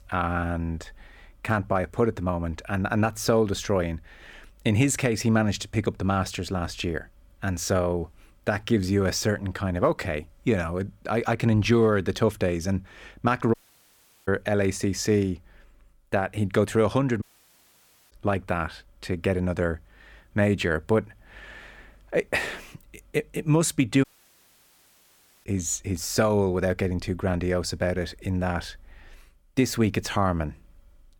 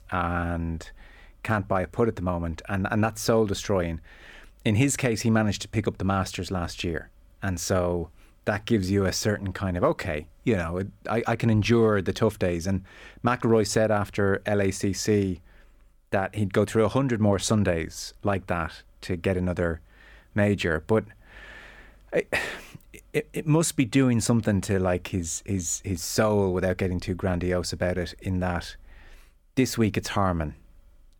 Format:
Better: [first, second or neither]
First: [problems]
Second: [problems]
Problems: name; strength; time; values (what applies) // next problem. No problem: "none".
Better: second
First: audio cutting out; at 14 s for 0.5 s, at 17 s for 1 s and at 24 s for 1.5 s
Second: none